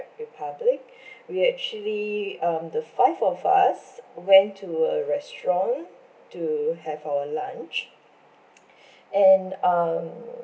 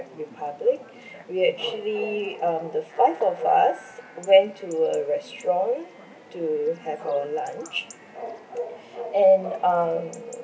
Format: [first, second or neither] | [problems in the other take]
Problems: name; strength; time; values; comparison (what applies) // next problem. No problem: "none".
first | background sound (Bark / Chatter / Chirp, tweet / Livestock, farm animals, working animals); 14 dB below the speech